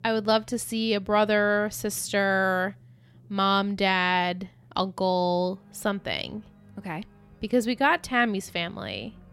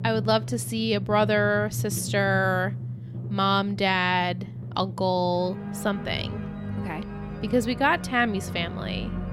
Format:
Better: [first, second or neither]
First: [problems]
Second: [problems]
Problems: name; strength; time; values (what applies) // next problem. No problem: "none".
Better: first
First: background music; faint; throughout; 25 dB below the speech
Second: background music; loud; throughout; 9 dB below the speech